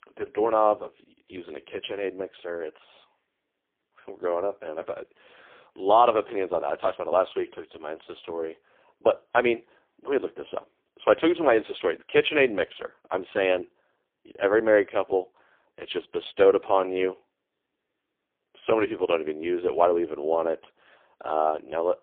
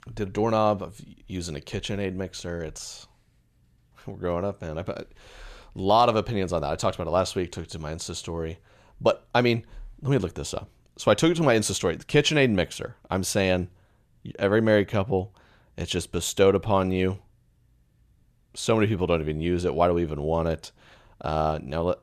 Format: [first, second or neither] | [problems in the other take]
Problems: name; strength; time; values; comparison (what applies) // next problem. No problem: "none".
second | phone-call audio; poor line; nothing above 3.5 kHz